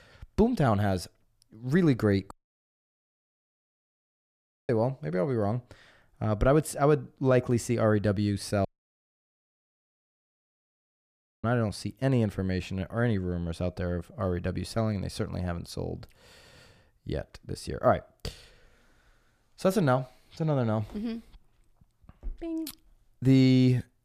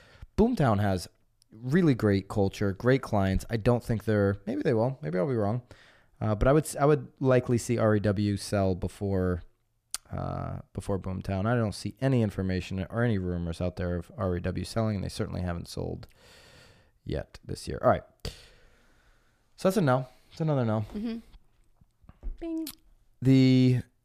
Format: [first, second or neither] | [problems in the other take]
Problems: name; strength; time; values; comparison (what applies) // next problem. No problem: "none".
second | audio cutting out; at 2.5 s for 2.5 s and at 8.5 s for 3 s